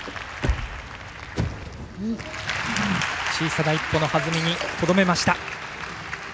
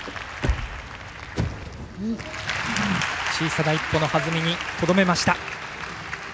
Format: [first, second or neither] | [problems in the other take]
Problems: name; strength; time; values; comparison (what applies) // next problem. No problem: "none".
second | background sound (Shatter); 13 dB below the speech